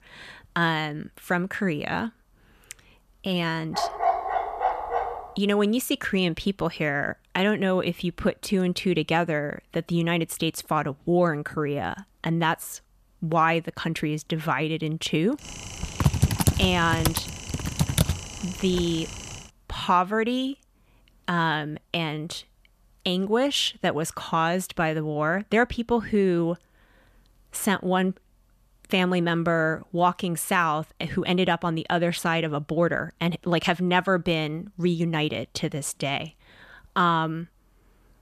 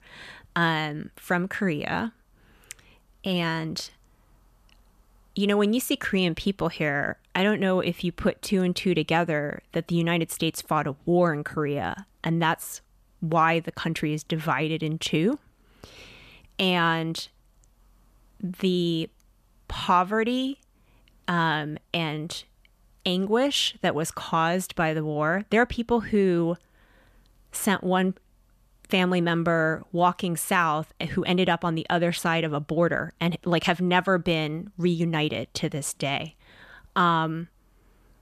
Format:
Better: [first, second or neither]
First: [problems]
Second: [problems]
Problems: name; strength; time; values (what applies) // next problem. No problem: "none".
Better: second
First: dog barking; loud; from 4 to 5 s; peak 1 dB above the speech // keyboard typing; loud; from 16 to 19 s; peak 3 dB above the speech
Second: none